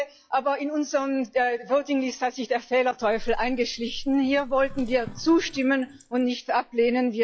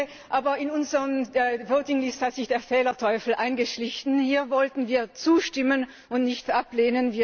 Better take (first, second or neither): second